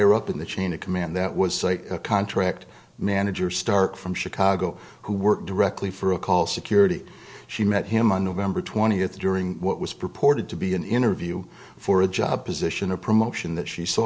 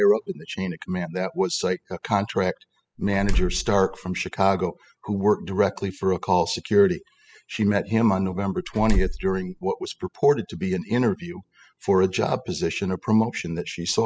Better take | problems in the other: first | noise reduction (classical method spectral subtraction)

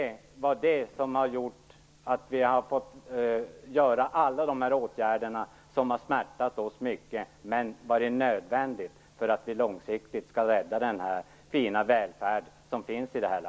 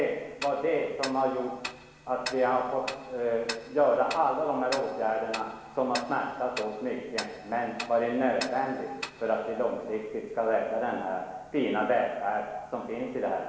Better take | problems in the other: first | background sound (Tick-tock); 14 dB below the speech // room echo; dies away in 1.2 s

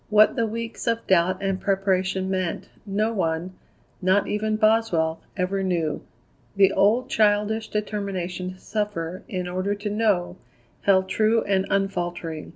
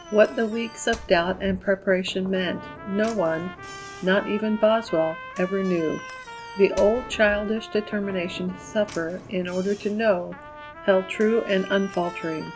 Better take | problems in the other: first | background sound (Knock / Slam + Trumpet); 15 dB below the speech

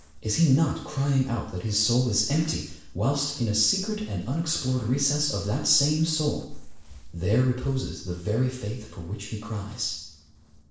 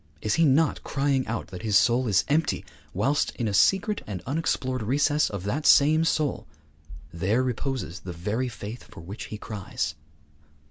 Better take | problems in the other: second | noise reduction (neural separator model SepFormer DNS4)

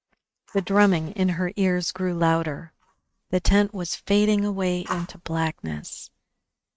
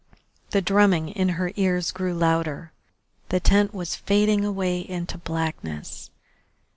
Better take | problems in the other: second | noise reduction (neural mask model RNNoise)

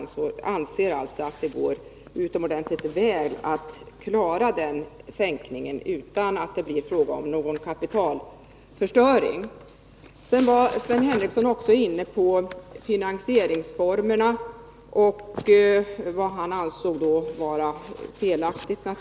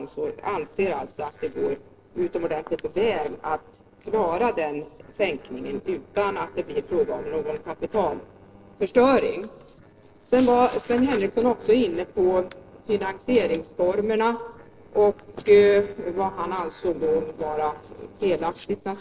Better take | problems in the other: first | noise reduction (neural separator model SepFormer DNS4)

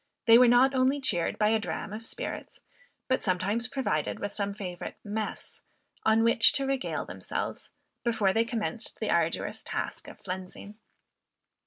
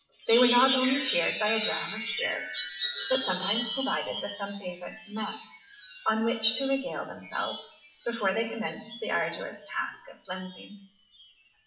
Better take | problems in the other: first | noise reduction (classical method WPE with log-MMSE)

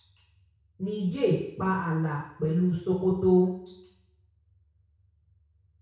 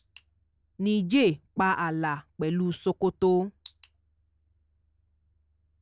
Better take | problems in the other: second | room echo; dies away in 0.6 s

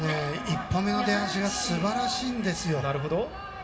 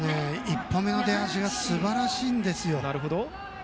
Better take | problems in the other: second | room echo; dies away in 0.6 s

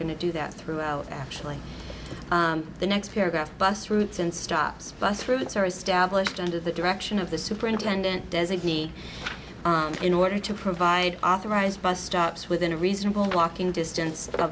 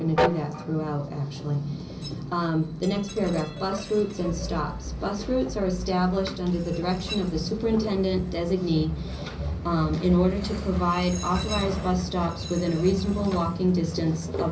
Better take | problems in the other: first | background sound (Train); 8 dB below the speech // room echo; dies away in 0.5 s

